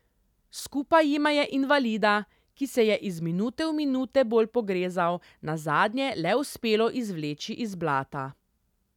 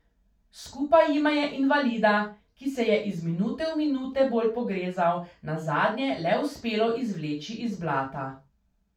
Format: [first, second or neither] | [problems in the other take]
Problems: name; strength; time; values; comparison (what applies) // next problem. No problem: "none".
first | room echo; dies away in 0.3 s